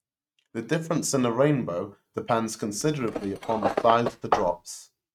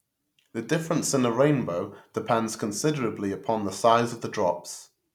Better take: second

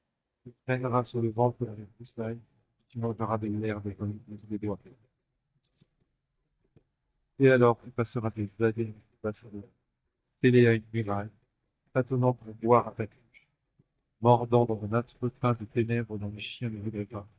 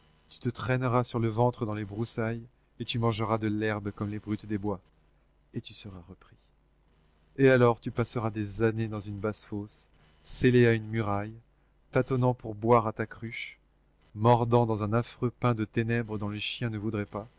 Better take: second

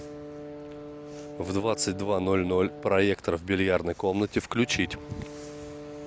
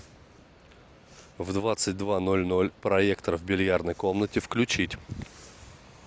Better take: second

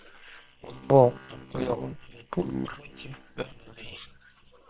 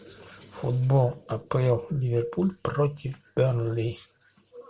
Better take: second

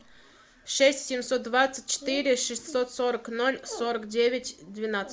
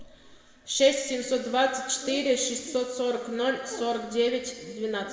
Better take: first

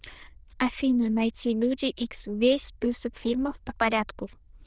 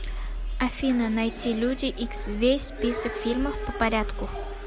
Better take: second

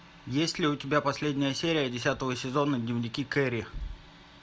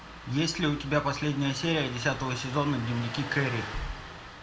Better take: first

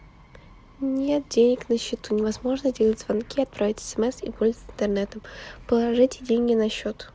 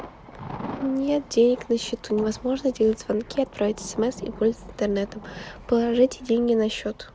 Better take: first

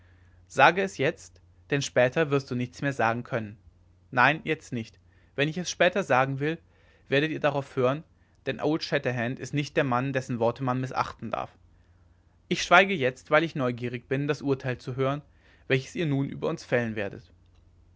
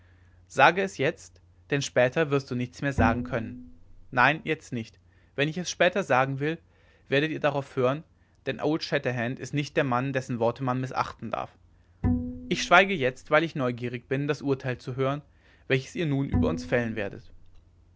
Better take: first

